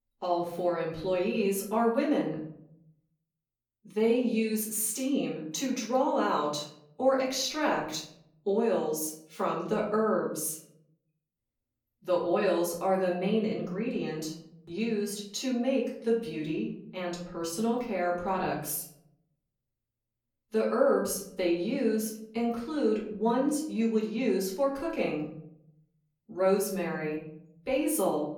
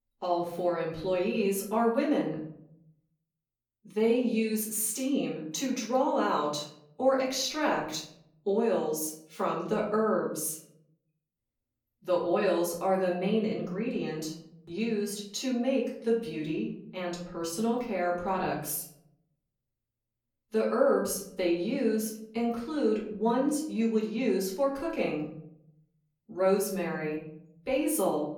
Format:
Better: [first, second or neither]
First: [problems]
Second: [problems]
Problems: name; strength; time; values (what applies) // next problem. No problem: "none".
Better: neither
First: off-mic speech; far // room echo; slight; dies away in 0.6 s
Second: off-mic speech; far // room echo; slight; dies away in 0.6 s